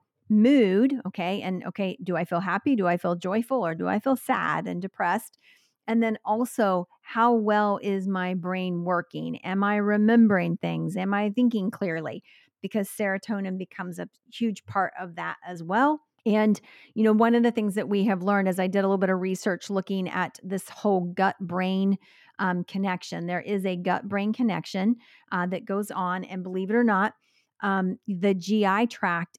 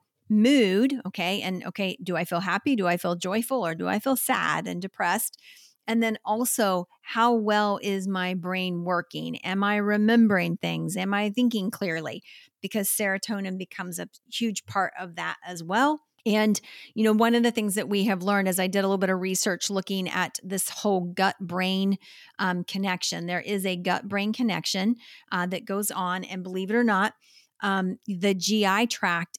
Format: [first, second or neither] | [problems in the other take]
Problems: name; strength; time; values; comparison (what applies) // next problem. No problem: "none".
second | muffled; slightly; fading above 2.5 kHz